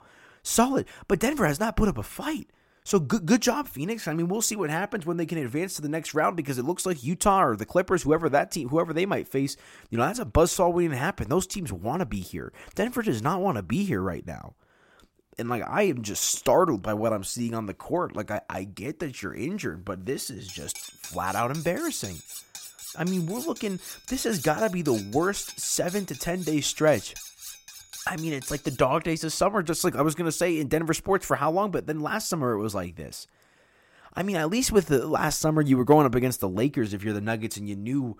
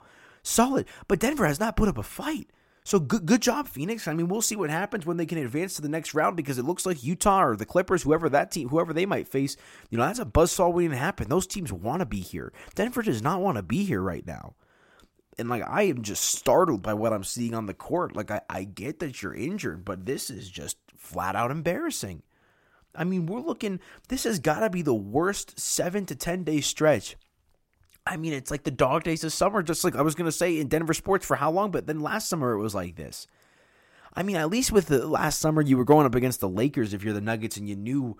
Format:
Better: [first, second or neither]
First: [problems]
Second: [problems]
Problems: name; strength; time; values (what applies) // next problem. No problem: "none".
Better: second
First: clattering dishes; faint; from 20 to 29 s; peak 10 dB below the speech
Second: none